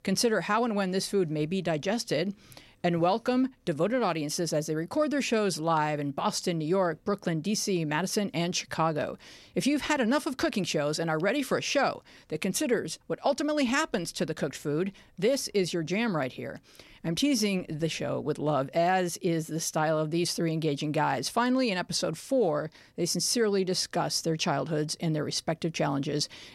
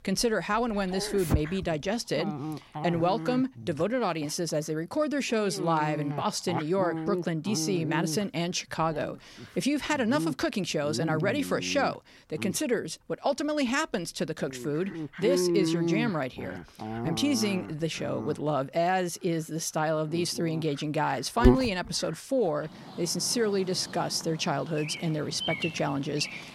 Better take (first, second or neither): first